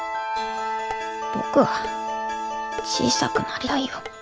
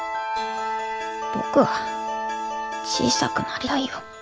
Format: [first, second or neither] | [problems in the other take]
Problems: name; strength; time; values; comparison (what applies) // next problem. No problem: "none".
second | background sound (Dishes, pots, and pans); 14 dB below the speech